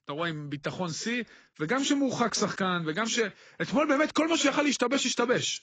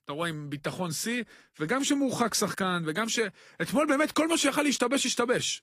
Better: second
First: garbled, watery; badly; nothing above 7.5 kHz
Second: garbled, watery; slightly; nothing above 15.5 kHz

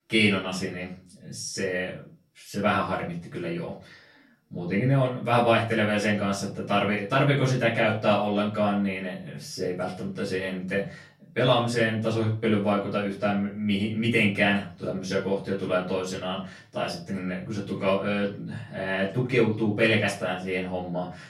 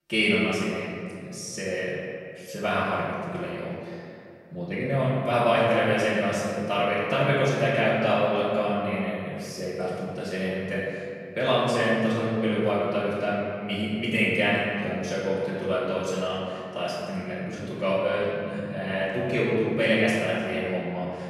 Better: first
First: room echo; slight; dies away in 0.3 s // off-mic speech; far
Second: room echo; strong; dies away in 2.1 s // off-mic speech; far

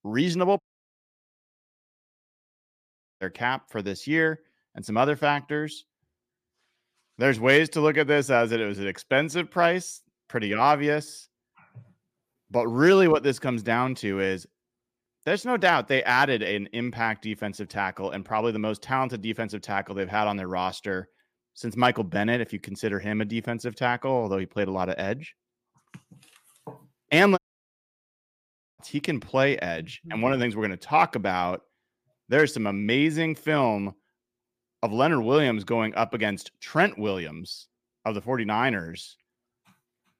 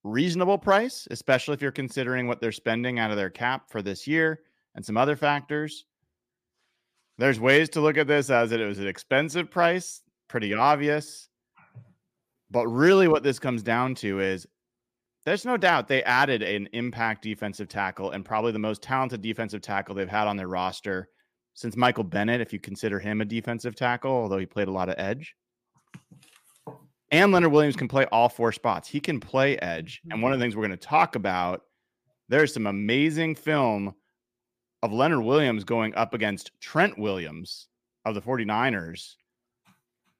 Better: second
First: audio cutting out; at 0.5 s for 2.5 s and at 27 s for 1.5 s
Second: none

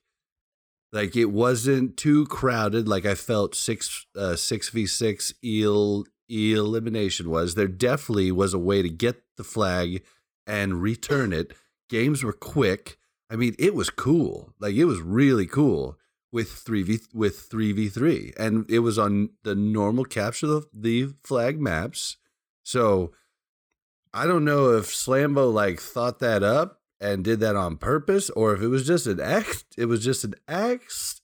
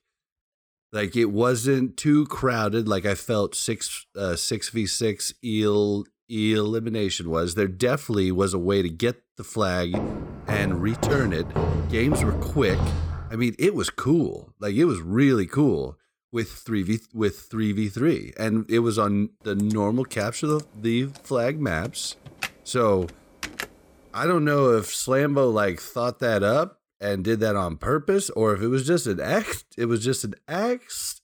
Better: first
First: none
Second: footsteps; noticeable; from 10 to 13 s; peak 1 dB below the speech // keyboard typing; noticeable; from 20 to 24 s; peak 9 dB below the speech

